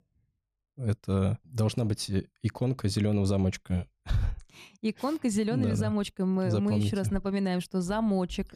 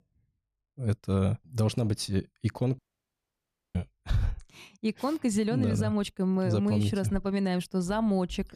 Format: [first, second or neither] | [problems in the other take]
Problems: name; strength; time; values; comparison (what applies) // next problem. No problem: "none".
first | audio cutting out; at 3 s for 1 s